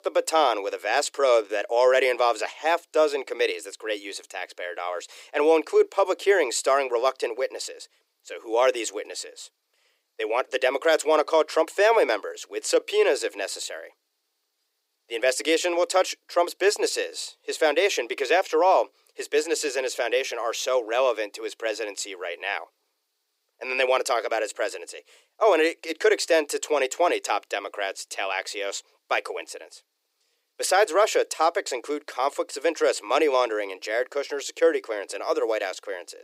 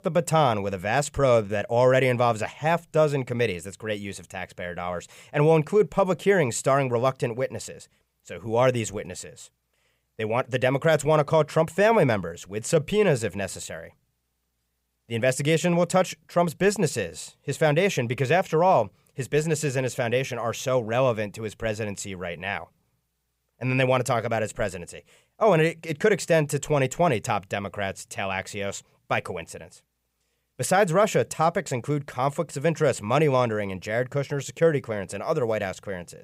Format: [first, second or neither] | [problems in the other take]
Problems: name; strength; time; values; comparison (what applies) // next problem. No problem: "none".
second | thin; very; fading below 300 Hz